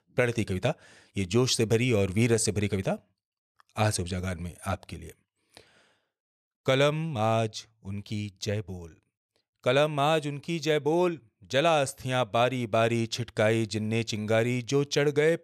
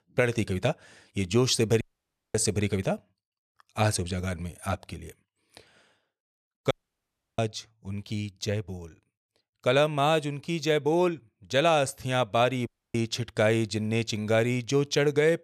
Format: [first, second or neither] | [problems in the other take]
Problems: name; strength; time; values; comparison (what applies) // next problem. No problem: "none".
first | audio cutting out; at 2 s for 0.5 s, at 6.5 s for 0.5 s and at 13 s